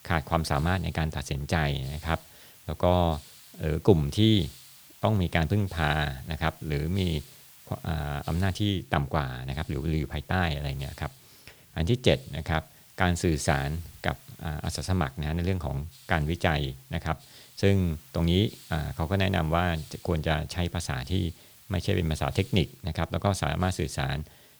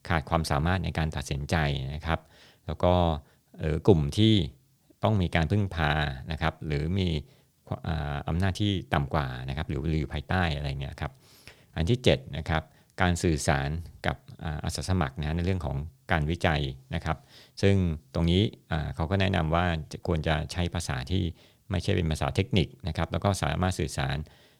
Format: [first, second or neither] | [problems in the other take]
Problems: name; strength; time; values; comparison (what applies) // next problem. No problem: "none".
second | hiss; faint; throughout; 20 dB below the speech